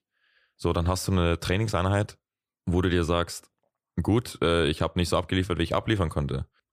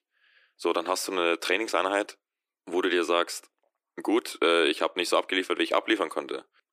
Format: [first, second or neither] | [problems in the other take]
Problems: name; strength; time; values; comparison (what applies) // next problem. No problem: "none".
first | thin; very; fading below 300 Hz